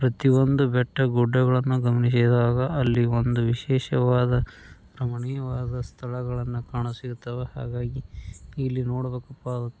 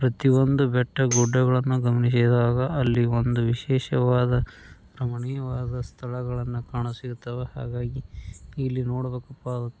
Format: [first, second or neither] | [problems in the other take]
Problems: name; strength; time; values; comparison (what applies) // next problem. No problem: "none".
first | background sound (Tambourine); 11 dB below the speech